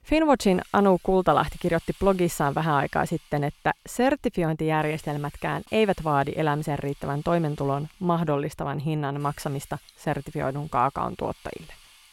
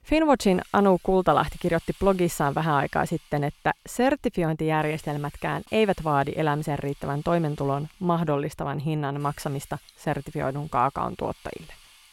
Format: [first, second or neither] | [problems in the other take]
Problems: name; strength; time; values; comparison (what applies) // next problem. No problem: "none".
neither | hiss; faint; throughout; 25 dB below the speech; the same in both